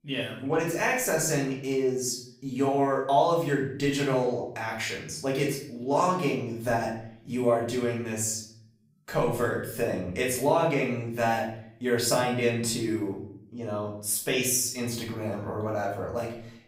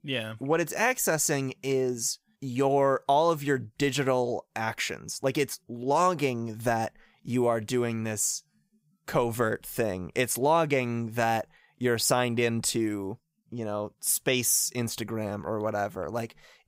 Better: second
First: off-mic speech; far // room echo; noticeable; dies away in 0.6 s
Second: none

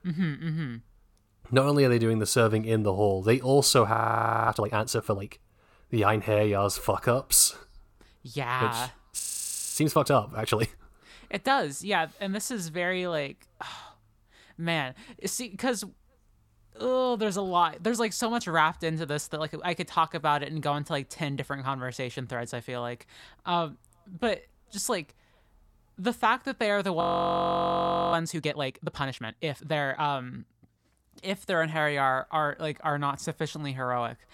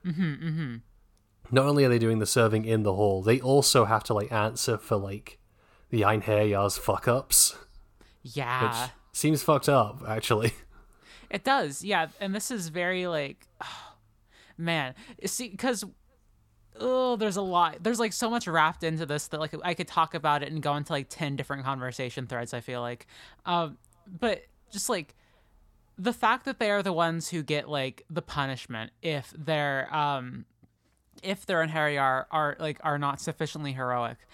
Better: second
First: audio freezing; at 4 s for 0.5 s, at 9 s for 0.5 s and at 27 s for 1 s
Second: none

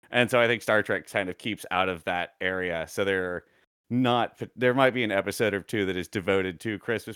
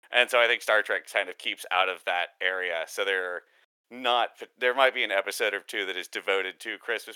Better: first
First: none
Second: thin; very; fading below 500 Hz

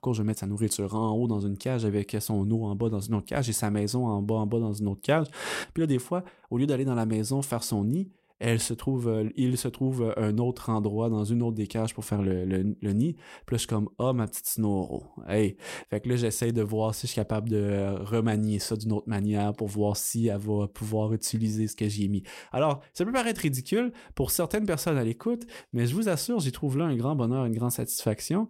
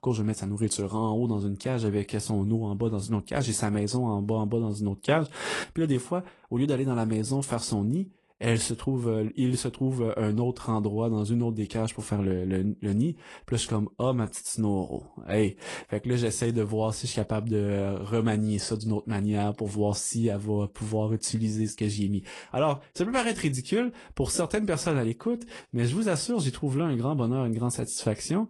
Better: first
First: none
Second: garbled, watery; slightly; nothing above 10 kHz

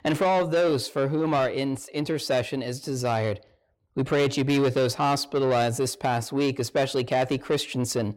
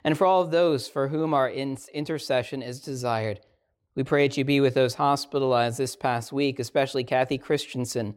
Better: second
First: distortion; slight; 10 dB below the speech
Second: none

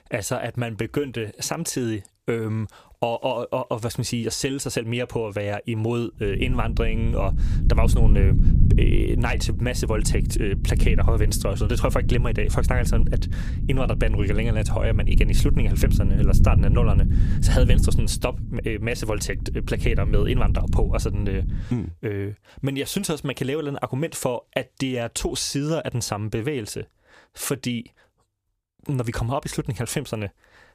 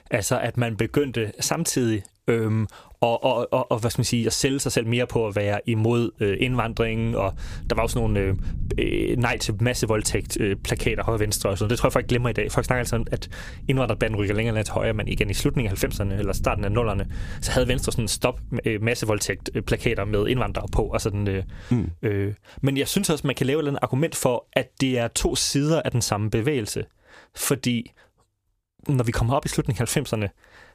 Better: second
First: low rumble; loud; from 6.5 to 22 s; 9 dB below the speech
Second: low rumble; faint; from 6.5 to 22 s; 25 dB below the speech

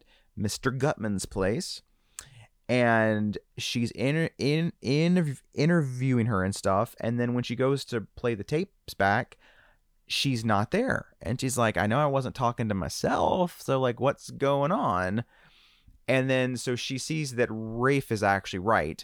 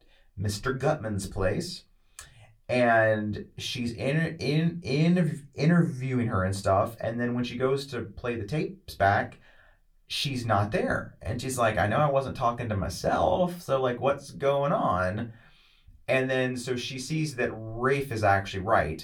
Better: first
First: none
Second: off-mic speech; somewhat distant // room echo; very slight; dies away in 0.2 s

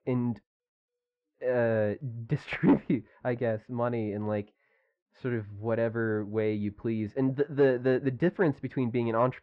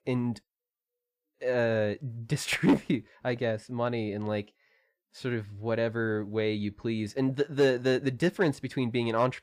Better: second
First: muffled; very; fading above 1.5 kHz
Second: none

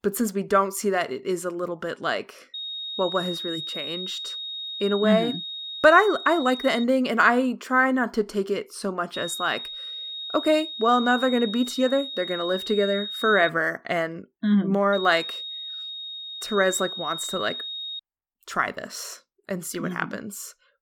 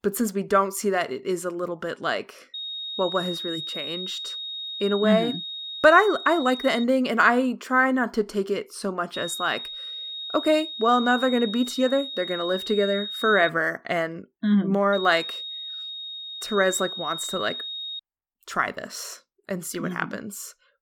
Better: neither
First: high-pitched whine; loud; from 2.5 to 7 s, from 9 to 13 s and from 15 to 18 s; 3.5 kHz, 8 dB below the speech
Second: high-pitched whine; loud; from 2.5 to 7 s, from 9 to 13 s and from 15 to 18 s; 3.5 kHz, 8 dB below the speech

